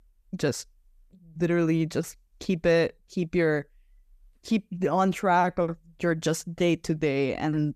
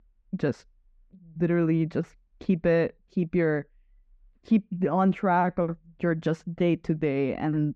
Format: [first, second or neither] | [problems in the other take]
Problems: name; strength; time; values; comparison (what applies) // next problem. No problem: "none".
first | muffled; very; fading above 2.5 kHz